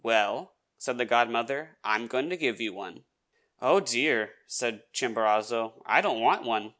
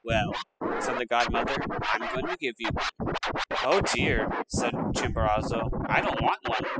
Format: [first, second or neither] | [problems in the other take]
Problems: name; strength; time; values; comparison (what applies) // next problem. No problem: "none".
first | noise reduction (classical method spectral subtraction)